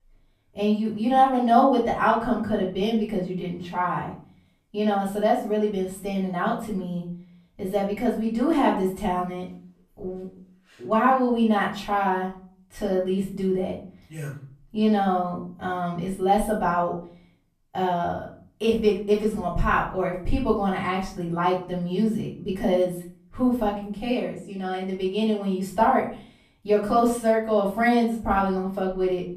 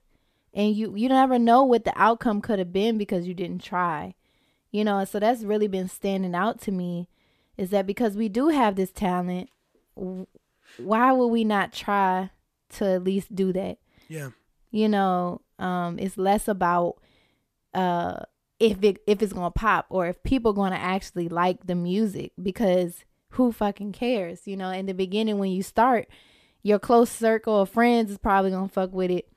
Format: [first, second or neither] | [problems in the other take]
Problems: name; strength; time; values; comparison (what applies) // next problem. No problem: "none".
second | off-mic speech; far // room echo; slight; dies away in 0.4 s